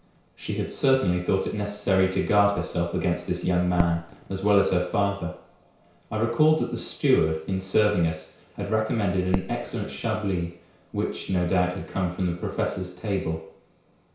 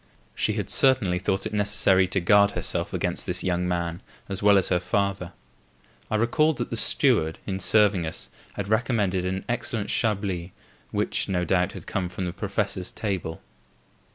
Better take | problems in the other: second | background sound (Fireworks); 17 dB below the speech // room echo; dies away in 0.6 s

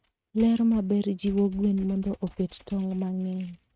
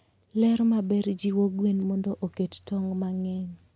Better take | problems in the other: second | noise reduction (neural mask model RNNoise)

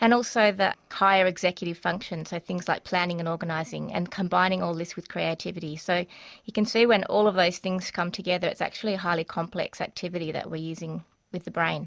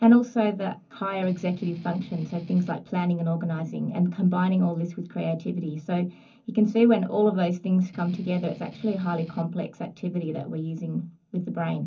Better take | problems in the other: first | background sound (Strum); 19 dB below the speech // room echo; dies away in 0.3 s

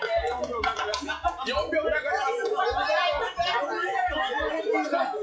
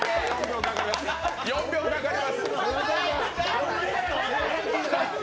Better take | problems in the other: second | noise reduction (classical method WPE with log-MMSE)

